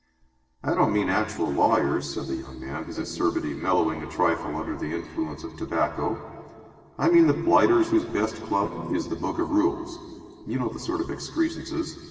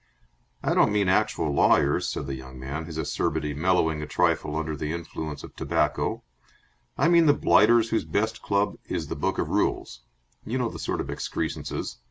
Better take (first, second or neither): second